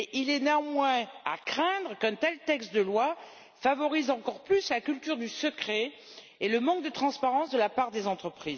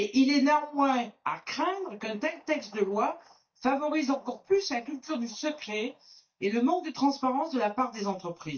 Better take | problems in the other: first | noise reduction (neural mask model DeepFilterNet 3)

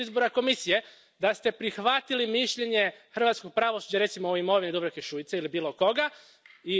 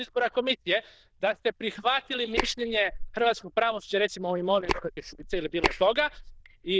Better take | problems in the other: first | noise reduction (neural diffusion model UNIVERSE++)

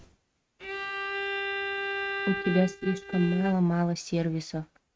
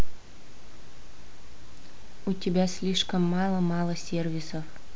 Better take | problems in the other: second | noise reduction (neural mask model RNNoise)

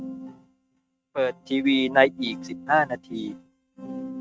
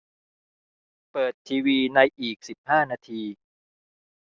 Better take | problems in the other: second | noise reduction (neural mask model RNNoise)

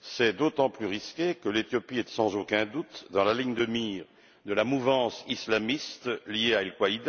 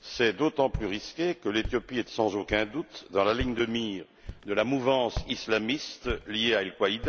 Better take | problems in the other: first | background sound (Walk, footsteps); 13 dB below the speech

